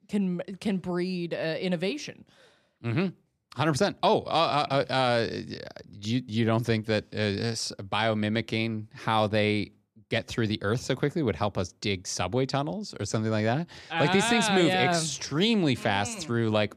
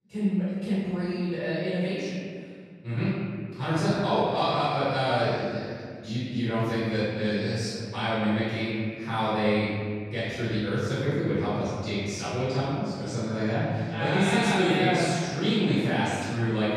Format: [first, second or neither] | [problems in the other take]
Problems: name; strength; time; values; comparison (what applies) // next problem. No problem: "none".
first | off-mic speech; far // room echo; strong; dies away in 1.9 s